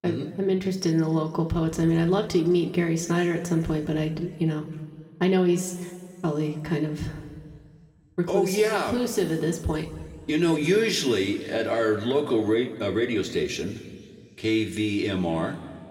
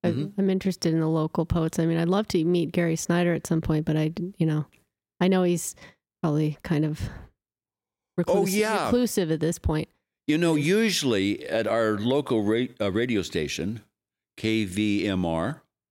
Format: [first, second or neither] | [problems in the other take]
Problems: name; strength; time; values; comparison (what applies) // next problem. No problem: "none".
second | room echo; slight; dies away in 1.8 s // off-mic speech; somewhat distant